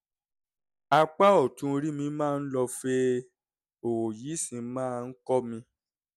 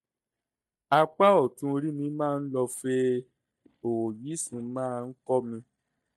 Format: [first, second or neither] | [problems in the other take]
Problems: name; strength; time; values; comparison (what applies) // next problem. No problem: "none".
first | noise reduction (neural mask model DeepFilterNet 3)